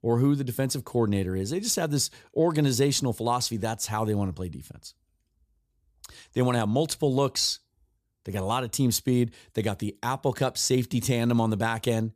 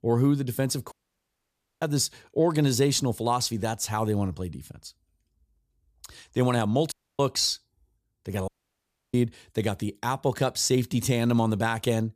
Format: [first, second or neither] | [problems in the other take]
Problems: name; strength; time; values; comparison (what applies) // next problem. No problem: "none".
first | audio cutting out; at 1 s for 1 s, at 7 s and at 8.5 s for 0.5 s